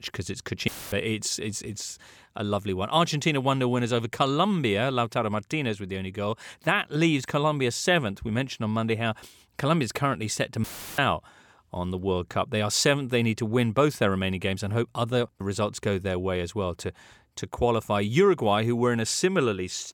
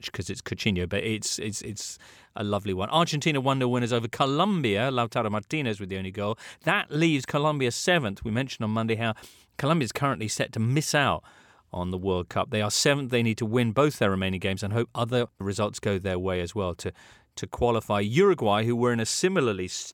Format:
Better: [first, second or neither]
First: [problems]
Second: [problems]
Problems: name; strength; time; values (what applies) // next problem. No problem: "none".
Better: second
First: audio cutting out; filled with static; at 0.5 s and at 11 s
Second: none